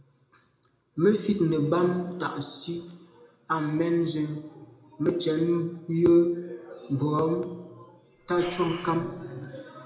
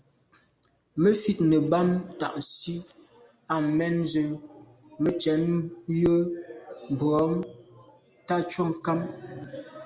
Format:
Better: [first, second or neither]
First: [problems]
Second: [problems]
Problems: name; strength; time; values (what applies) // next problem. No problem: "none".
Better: second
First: background sound (Breathing); 16 dB below the speech // room echo; dies away in 0.7 s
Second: none